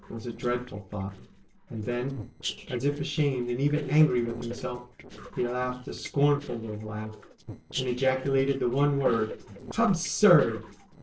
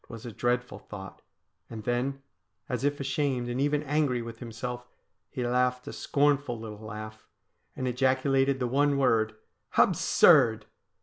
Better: second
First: noise reduction (neural separator model SepFormer DNS4)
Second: none

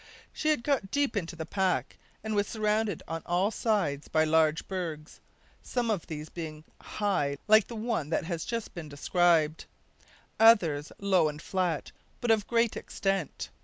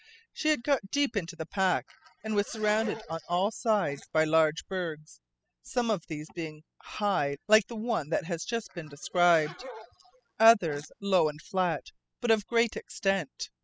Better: first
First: none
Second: noise reduction (classical method spectral subtraction)

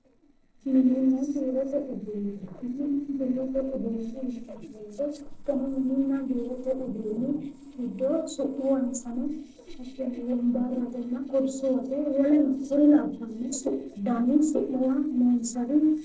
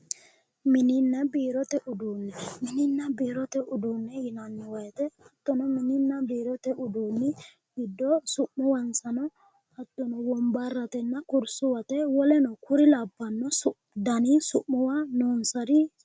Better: second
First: noise reduction (neural separator model SepFormer DNS4)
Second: none

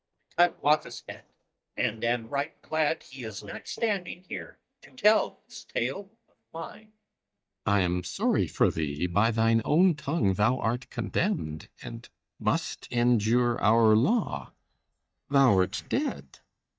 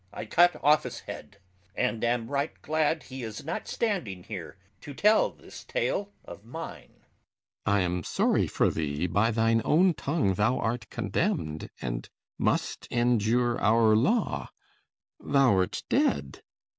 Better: second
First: noise reduction (neural mask model DeepFilterNet 3)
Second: none

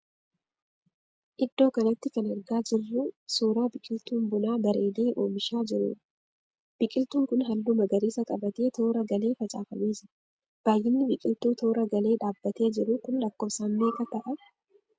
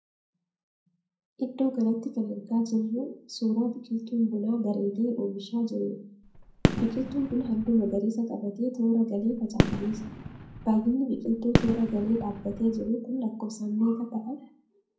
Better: first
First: none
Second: background sound (Fireworks); 2 dB below the speech // room echo; dies away in 0.6 s

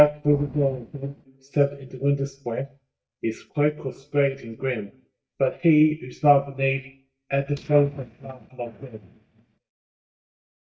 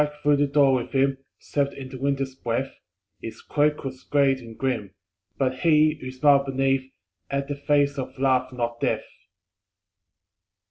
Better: second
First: noise reduction (neural mask model DeepFilterNet 3)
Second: none

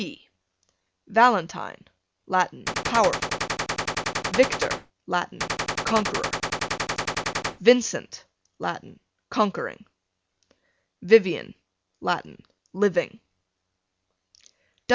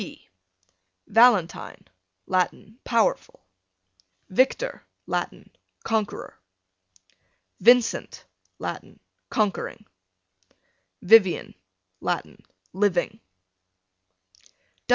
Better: second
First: background sound (Gunshot, gunfire); 2 dB below the speech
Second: none

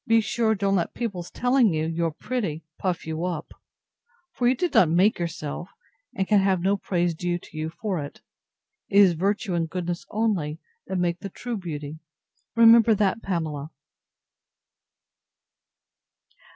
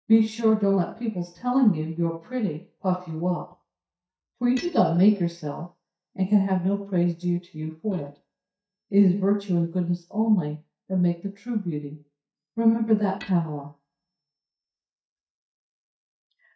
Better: first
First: none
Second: noise reduction (neural mask model DeepFilterNet 3)

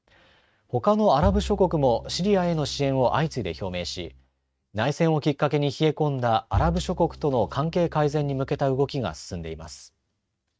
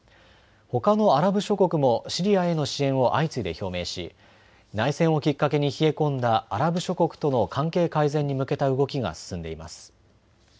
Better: second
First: noise reduction (neural mask model RNNoise)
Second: none

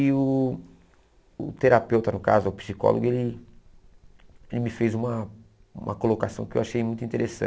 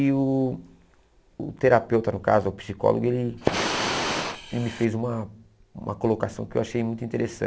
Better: first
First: none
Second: background sound (Fire); 2 dB below the speech

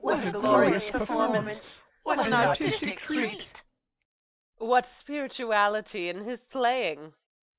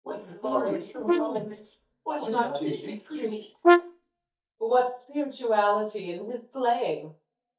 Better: first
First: none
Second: noise reduction (neural mask model DeepFilterNet 3)

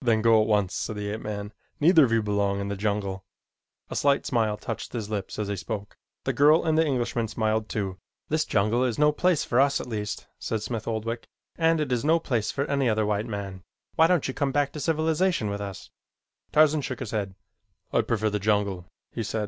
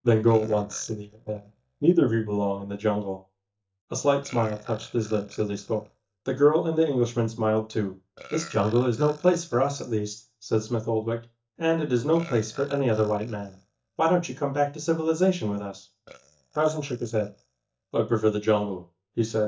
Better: first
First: none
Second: noise reduction (neural mask model DeepFilterNet 3)

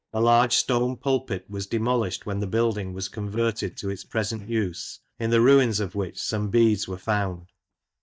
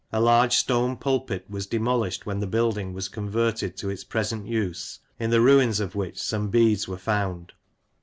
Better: second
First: noise reduction (neural mask model DeepFilterNet 3)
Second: none

